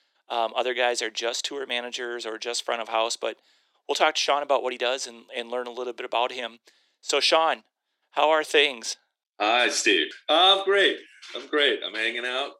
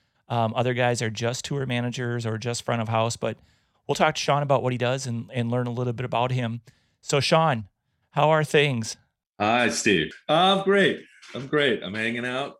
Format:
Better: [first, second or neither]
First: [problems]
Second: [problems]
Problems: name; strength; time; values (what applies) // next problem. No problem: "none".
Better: second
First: thin; very; fading below 300 Hz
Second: none